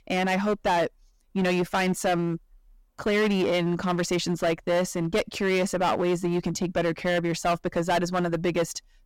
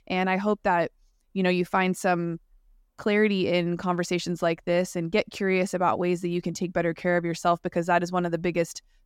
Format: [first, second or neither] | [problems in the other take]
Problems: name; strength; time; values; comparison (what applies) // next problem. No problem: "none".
second | distortion; heavy; 14% of the sound clipped